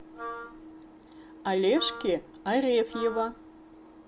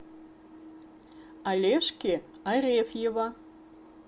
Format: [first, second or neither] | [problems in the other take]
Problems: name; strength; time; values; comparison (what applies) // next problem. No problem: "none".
second | background sound (Wind instrument, woodwind instrument); 13 dB below the speech